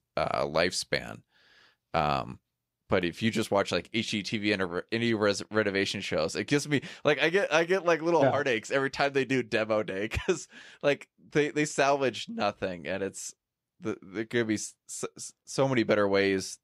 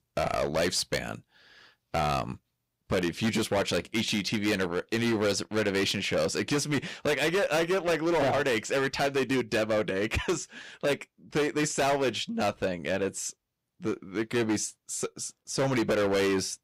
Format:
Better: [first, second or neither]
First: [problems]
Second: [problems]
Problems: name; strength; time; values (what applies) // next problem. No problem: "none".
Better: first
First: none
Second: distortion; heavy; 14% of the sound clipped